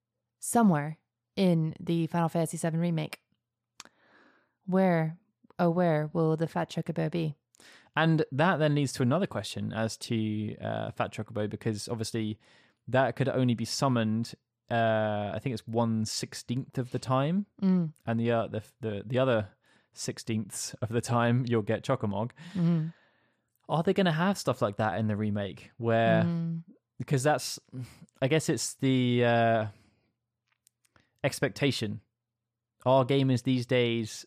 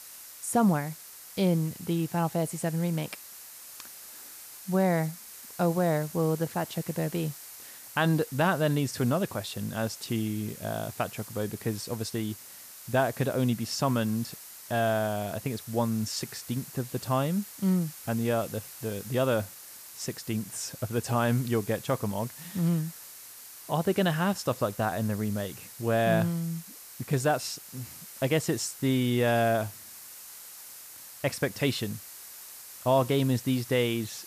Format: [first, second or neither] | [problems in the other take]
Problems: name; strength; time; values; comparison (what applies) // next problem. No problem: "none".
first | hiss; noticeable; throughout; 15 dB below the speech